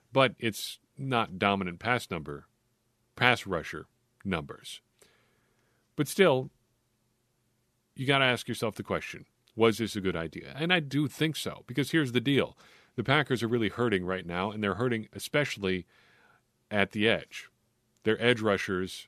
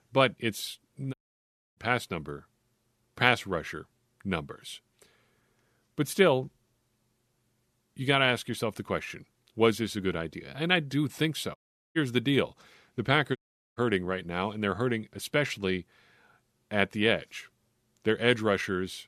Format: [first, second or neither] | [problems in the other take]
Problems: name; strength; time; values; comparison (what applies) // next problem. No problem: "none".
first | audio cutting out; at 1 s for 0.5 s, at 12 s and at 13 s